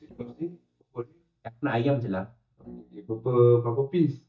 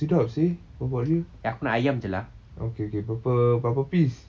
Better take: second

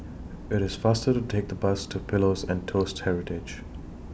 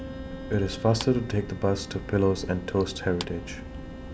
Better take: first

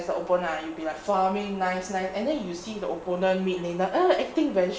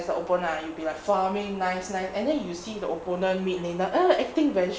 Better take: second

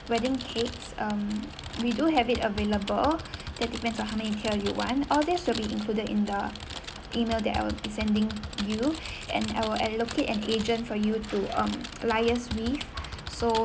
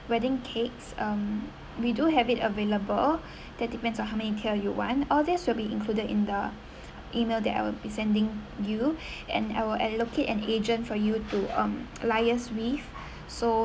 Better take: second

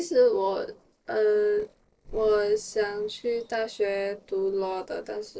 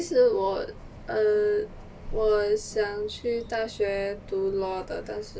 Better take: second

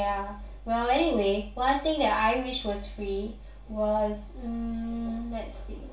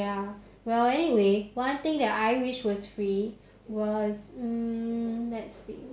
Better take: second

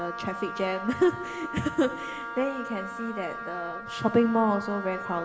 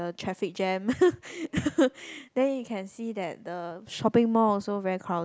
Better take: second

